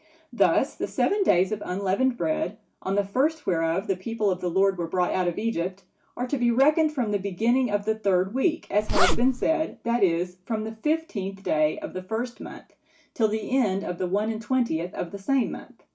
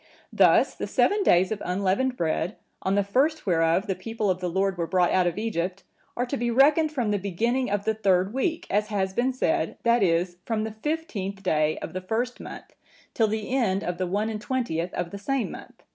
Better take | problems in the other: second | background sound (Zipper (clothing)); 5 dB above the speech // room echo; dies away in 0.2 s

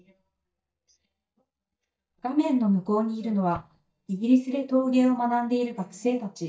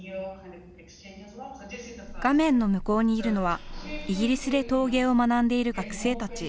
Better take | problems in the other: second | noise reduction (neural mask model DeepFilterNet 3)

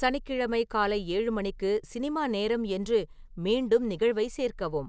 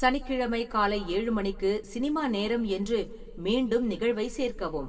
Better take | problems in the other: first | room echo; dies away in 1.2 s

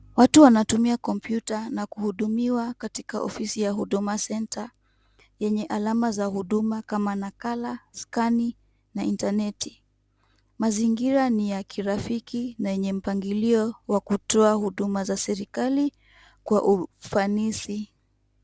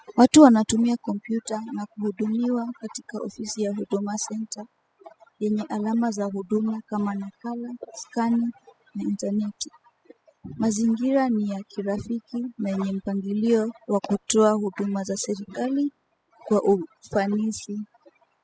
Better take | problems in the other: first | noise reduction (classical method spectral subtraction)

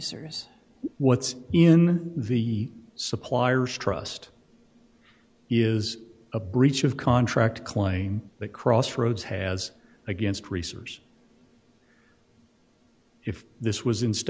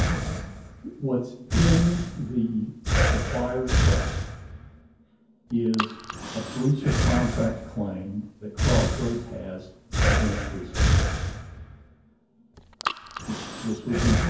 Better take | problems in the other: first | background sound (Breathing); 3 dB above the speech // room echo; dies away in 0.6 s

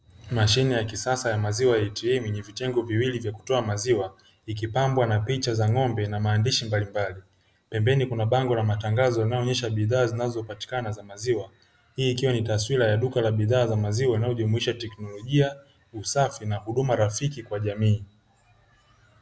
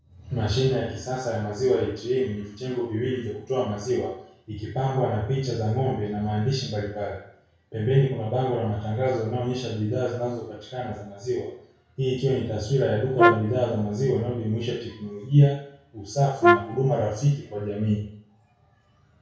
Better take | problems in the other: first | background sound (Brass instrument); 3 dB above the speech // room echo; dies away in 0.6 s

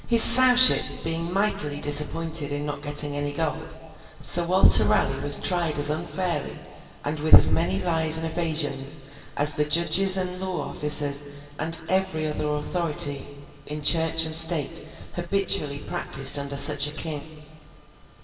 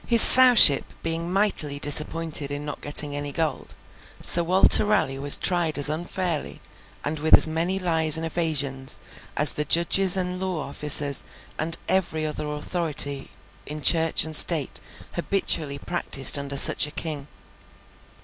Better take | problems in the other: second | room echo; dies away in 2.4 s

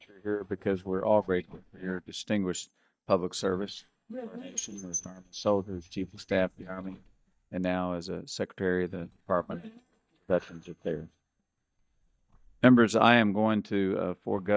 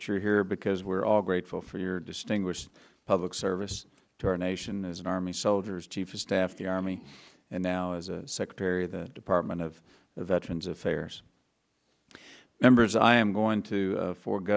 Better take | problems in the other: second | noise reduction (neural mask model DeepFilterNet 3)

